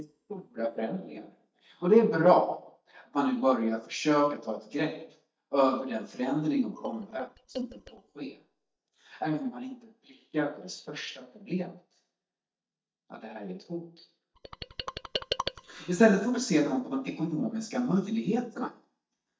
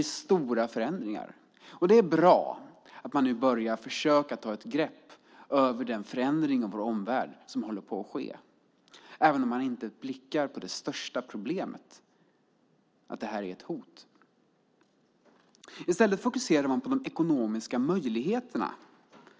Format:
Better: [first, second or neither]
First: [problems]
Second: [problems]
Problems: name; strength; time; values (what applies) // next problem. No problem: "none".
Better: second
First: noise reduction (neural mask model DeepFilterNet 3)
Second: none